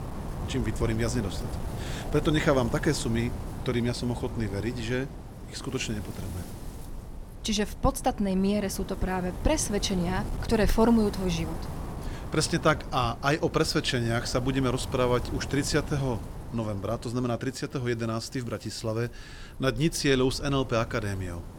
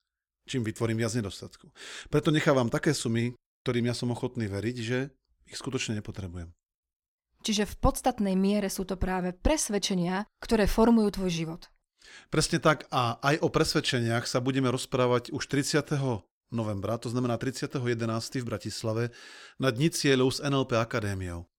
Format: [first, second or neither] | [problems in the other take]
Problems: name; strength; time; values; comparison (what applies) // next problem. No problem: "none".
second | wind noise on the microphone; occasional gusts; 15 dB below the speech